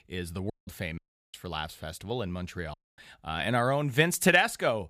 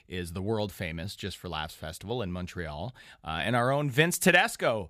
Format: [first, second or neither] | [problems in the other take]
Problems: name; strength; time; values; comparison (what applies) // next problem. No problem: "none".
second | audio cutting out; at 0.5 s, at 1 s and at 2.5 s